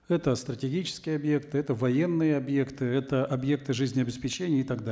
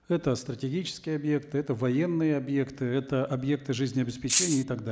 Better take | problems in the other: first | background sound (Rattle (instrument)); 2 dB above the speech

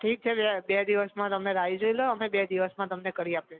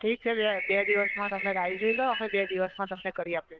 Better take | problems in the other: first | noise reduction (neural diffusion model UNIVERSE++)

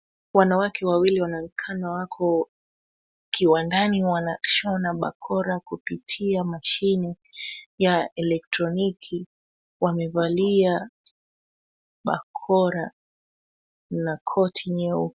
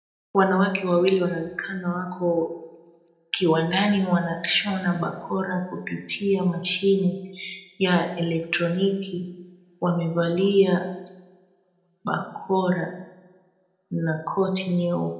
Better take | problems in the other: first | room echo; dies away in 0.7 s

